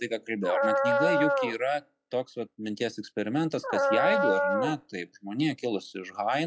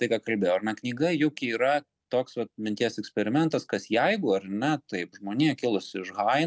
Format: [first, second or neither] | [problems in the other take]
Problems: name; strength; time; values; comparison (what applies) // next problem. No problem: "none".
second | noise reduction (classical method log-MMSE)